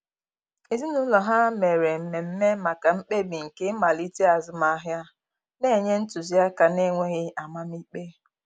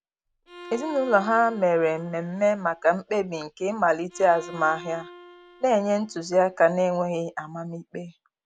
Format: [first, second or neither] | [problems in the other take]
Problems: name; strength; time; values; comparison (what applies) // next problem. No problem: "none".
first | background sound (Bowed string instrument); 20 dB below the speech